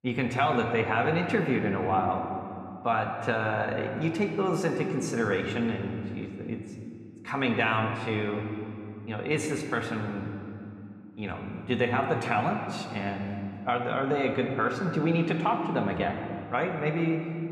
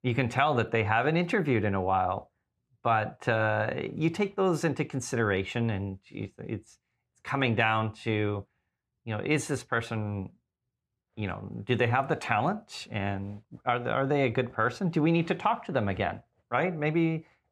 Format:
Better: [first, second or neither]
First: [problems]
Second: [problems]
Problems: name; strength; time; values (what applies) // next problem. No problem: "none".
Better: second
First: room echo; slight; dies away in 2.1 s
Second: none